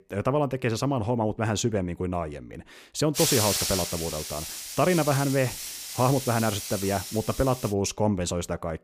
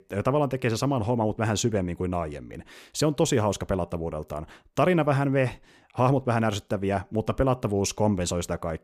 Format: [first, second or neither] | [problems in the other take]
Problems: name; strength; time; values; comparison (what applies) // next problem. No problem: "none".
second | hiss; loud; from 3 to 7.5 s; 4 dB below the speech